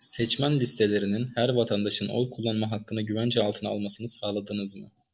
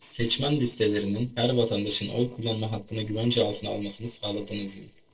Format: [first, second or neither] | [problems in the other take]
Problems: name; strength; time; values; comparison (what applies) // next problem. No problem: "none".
first | noise reduction (neural separator model SepFormer DNS4)